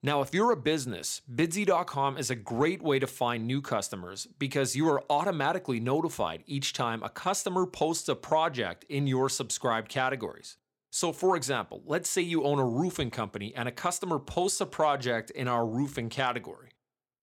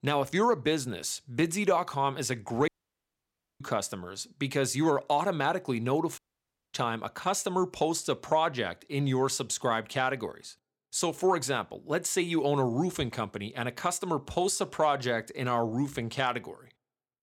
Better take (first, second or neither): first